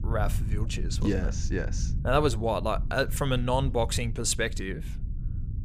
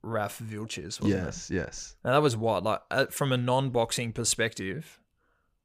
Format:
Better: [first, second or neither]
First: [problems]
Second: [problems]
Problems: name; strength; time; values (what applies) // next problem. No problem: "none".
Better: second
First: low rumble; noticeable; throughout; 20 dB below the speech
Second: none